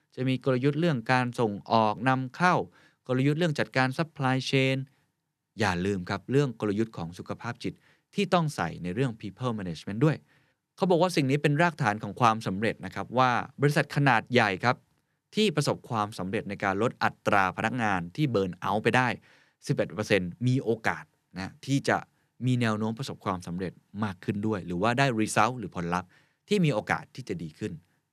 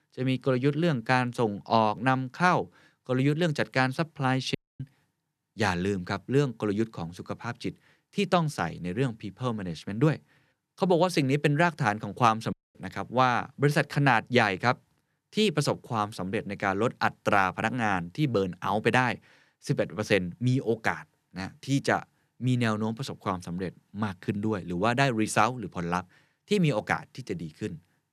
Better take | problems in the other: first | audio cutting out; at 4.5 s and at 13 s

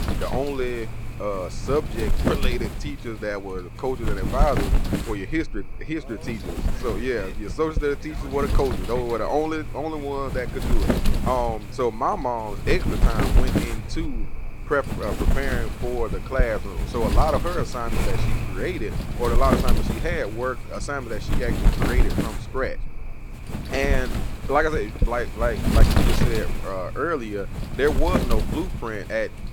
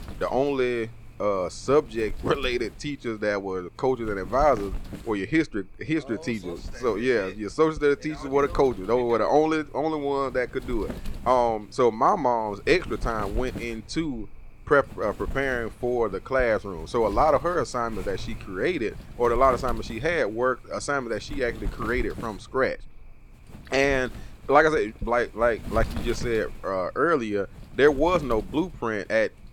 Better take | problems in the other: second | wind noise on the microphone; heavy; 6 dB below the speech; occasional gusts in the second

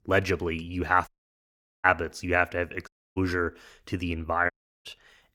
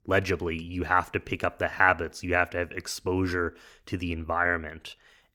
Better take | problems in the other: second | audio cutting out; at 1 s for 1 s, at 3 s and at 4.5 s

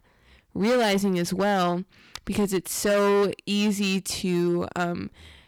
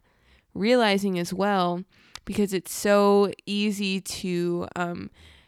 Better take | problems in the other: second | distortion; heavy; 11% of the sound clipped

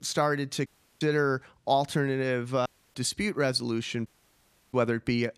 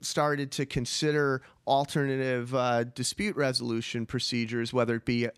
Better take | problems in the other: second | audio cutting out; at 0.5 s, at 2.5 s and at 4 s for 0.5 s

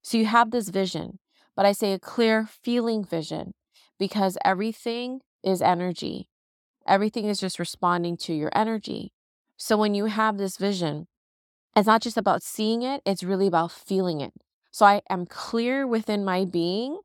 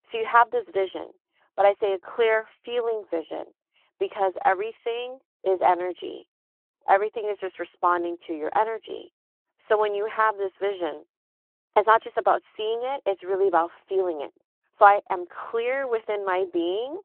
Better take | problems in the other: first | phone-call audio

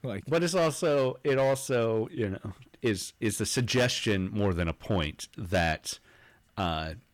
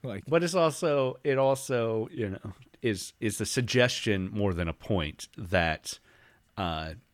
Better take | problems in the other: second | distortion; slight; 5% of the sound clipped

